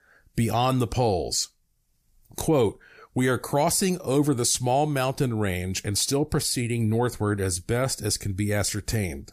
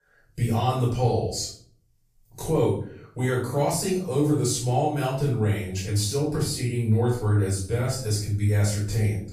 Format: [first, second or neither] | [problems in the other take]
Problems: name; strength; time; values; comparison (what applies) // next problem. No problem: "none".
first | off-mic speech; far // room echo; noticeable; dies away in 0.5 s